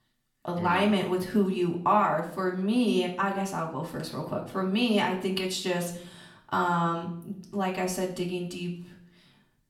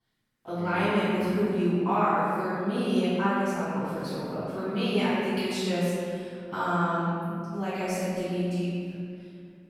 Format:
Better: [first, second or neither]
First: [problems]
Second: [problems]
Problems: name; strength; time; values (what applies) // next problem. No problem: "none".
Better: first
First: room echo; slight; dies away in 0.5 s // off-mic speech; far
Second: room echo; strong; dies away in 2.3 s // off-mic speech; far